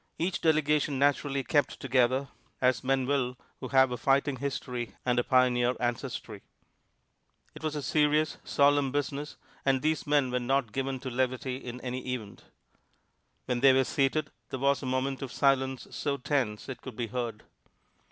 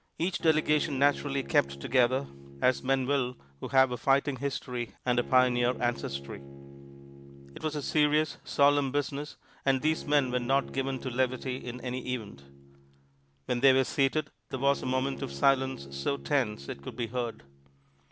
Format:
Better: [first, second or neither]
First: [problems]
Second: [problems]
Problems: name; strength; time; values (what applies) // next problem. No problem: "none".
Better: first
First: none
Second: background sound (Bowed string instrument); 15 dB below the speech